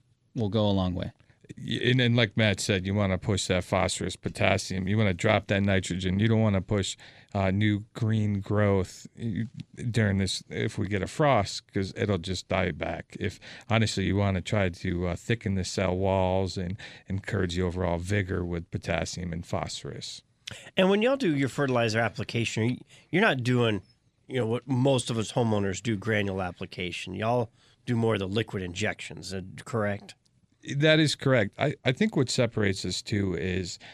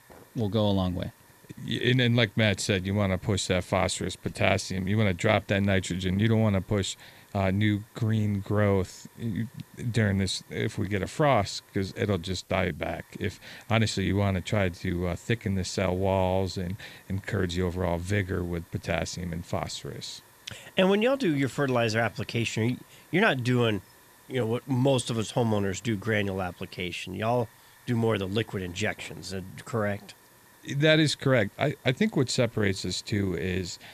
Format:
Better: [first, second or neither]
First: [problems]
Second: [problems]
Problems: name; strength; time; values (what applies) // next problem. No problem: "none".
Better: first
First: none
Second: hiss; faint; throughout; 25 dB below the speech